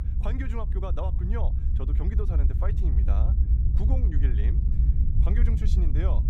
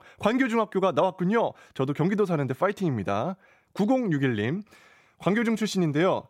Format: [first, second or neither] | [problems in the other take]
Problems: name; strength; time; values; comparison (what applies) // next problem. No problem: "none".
second | low rumble; loud; throughout; 3 dB below the speech